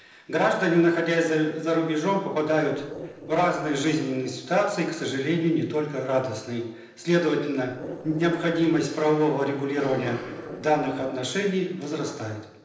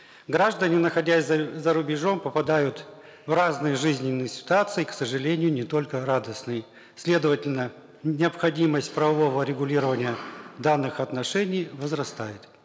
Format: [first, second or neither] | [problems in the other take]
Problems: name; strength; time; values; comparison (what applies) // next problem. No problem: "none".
second | noise reduction (neural separator model SepFormer DNS4)